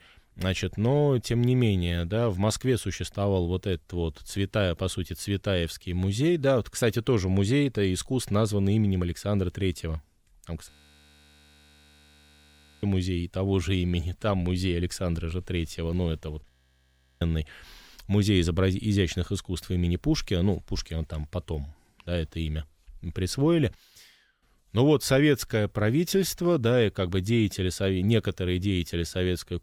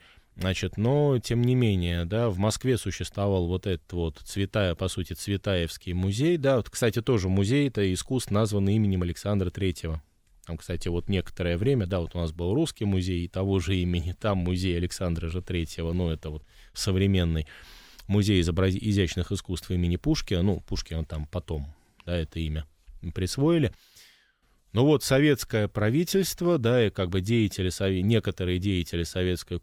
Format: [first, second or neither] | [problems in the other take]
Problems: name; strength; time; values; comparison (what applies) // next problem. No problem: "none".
second | audio freezing; at 11 s for 2 s and at 16 s for 0.5 s